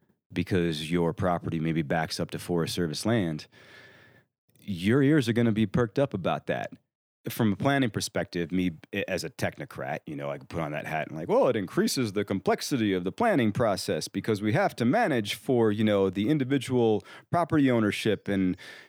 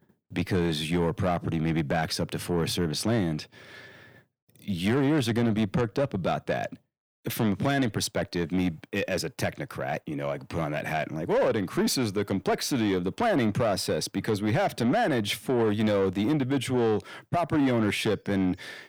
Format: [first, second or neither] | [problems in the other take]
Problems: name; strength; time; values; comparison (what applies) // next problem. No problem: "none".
first | distortion; slight; 10 dB below the speech